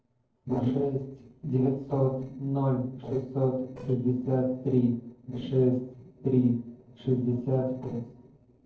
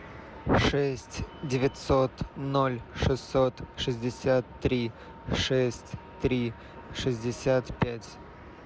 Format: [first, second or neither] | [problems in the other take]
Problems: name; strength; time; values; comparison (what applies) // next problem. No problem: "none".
second | noise reduction (neural separator model SepFormer DNS4)